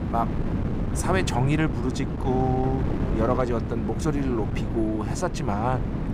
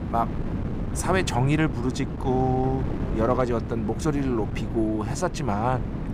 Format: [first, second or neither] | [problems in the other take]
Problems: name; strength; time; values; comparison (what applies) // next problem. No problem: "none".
second | wind noise on the microphone; heavy; 7 dB below the speech; occasional gusts in the second